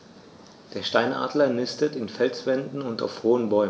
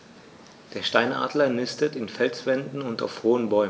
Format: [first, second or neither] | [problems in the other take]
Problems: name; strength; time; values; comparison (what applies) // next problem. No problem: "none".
second | room echo; dies away in 0.5 s